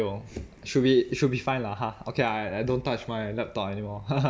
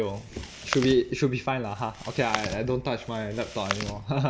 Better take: first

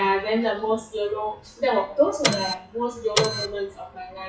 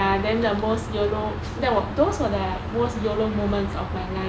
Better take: second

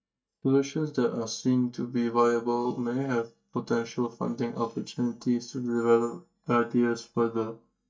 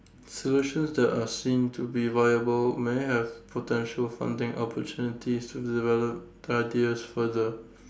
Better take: second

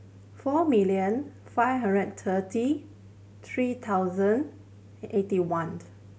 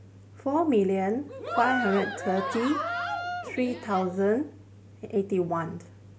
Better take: first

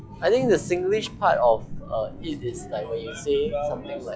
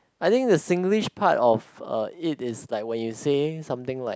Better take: second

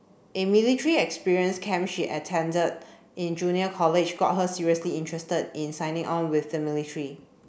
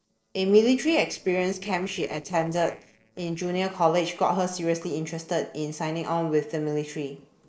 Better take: first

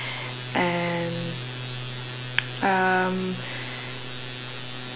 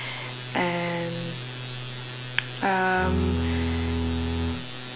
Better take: first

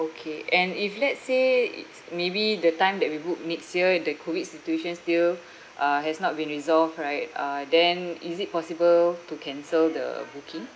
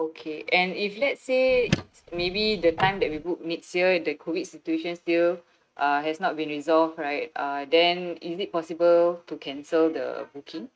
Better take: first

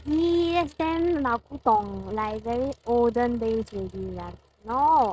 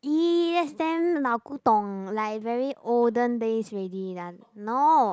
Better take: second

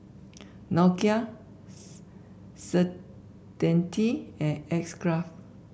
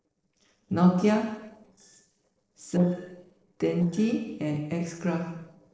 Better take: first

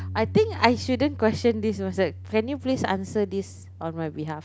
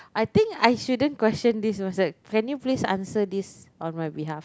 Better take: second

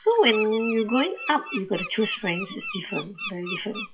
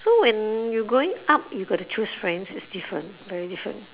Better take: second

